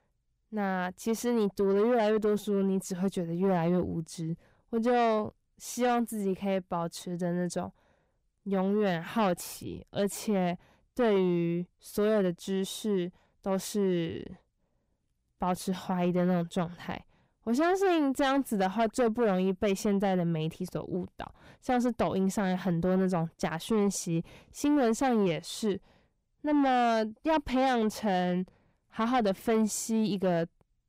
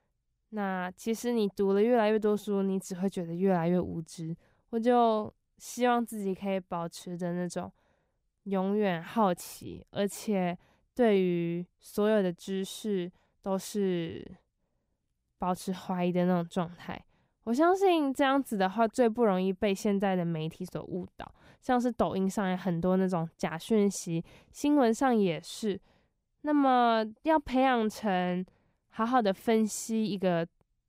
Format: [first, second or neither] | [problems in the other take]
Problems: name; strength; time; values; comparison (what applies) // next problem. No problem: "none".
second | distortion; slight; 10 dB below the speech